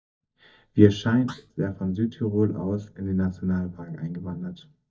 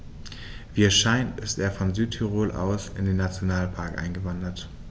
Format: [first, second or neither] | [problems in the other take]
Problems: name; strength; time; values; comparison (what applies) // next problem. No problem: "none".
second | noise reduction (neural mask model DeepFilterNet 3)